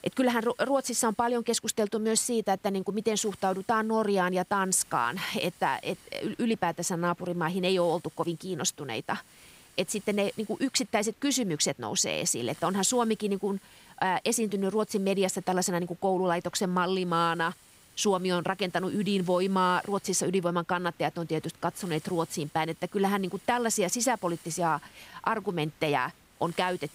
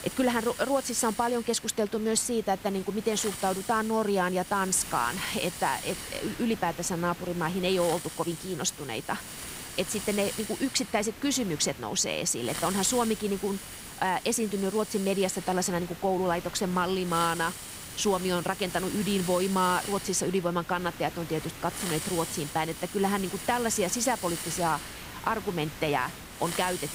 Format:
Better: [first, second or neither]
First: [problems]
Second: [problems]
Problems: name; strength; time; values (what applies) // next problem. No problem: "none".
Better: first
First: hiss; faint; throughout; 25 dB below the speech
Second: hiss; loud; throughout; 9 dB below the speech